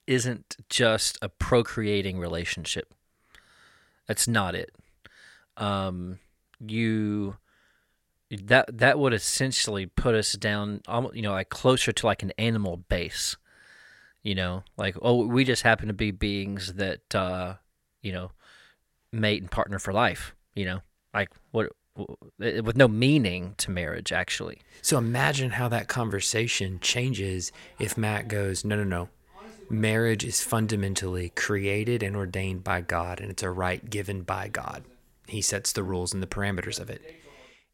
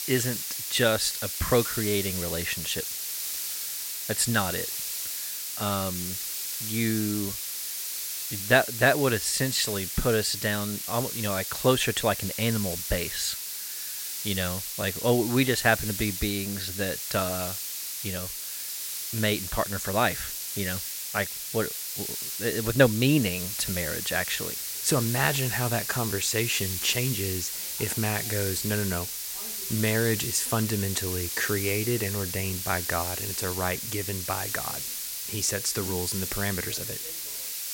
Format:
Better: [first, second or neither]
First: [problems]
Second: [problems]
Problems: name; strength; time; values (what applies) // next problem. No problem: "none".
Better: first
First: none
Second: hiss; loud; throughout; 3 dB below the speech